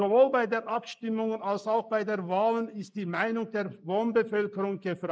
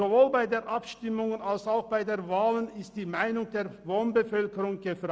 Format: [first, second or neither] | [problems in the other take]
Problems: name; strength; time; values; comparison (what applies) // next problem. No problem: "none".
second | noise reduction (neural mask model Resemble Enhance denoiser)